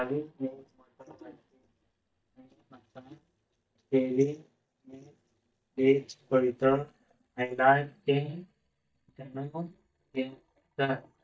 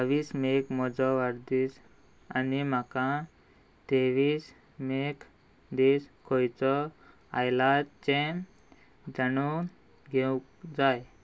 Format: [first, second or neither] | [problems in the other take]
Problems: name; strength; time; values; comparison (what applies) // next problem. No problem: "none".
second | noise reduction (neural mask model DeepFilterNet 3)